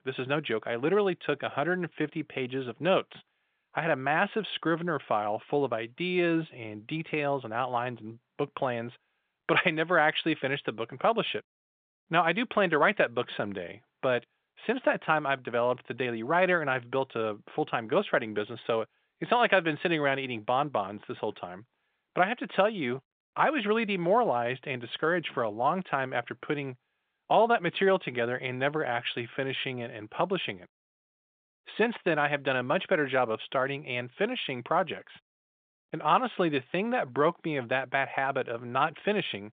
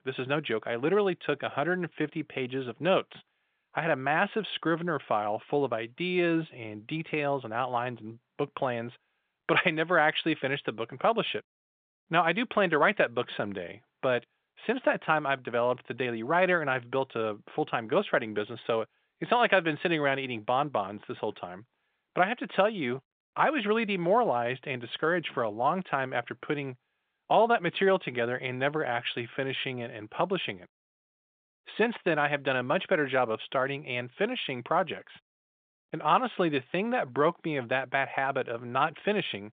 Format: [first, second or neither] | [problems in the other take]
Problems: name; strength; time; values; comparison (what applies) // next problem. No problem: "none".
neither | phone-call audio; nothing above 3.5 kHz; the same in both